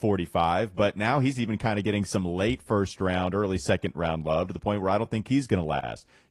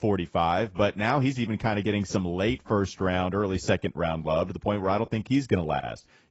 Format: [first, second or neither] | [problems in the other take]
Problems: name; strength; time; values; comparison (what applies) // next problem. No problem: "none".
first | garbled, watery; badly; nothing above 7.5 kHz; slightly in the first